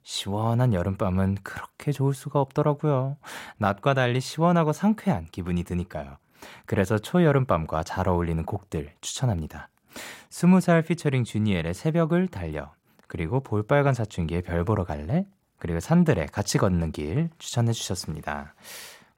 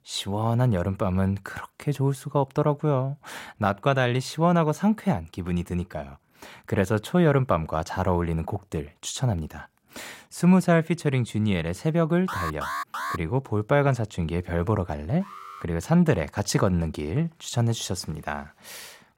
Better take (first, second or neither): first